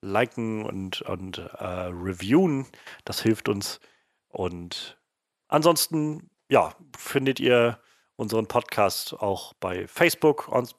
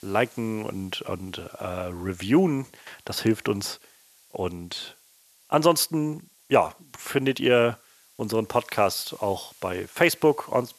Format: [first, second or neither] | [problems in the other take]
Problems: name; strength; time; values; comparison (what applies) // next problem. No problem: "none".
first | hiss; faint; throughout; 25 dB below the speech